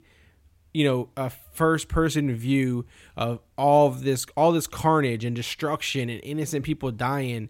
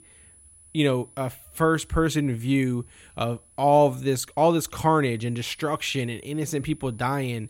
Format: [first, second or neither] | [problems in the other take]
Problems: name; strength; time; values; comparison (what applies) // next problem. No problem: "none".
first | high-pitched whine; faint; throughout; 10 kHz, 25 dB below the speech